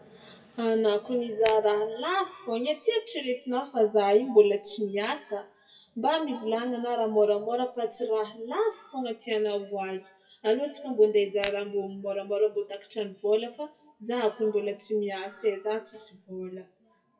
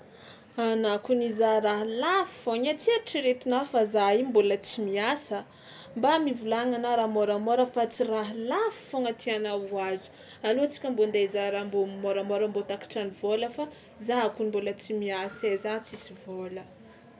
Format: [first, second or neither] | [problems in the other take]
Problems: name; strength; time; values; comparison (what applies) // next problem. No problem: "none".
second | noise reduction (classical method WPE with log-MMSE)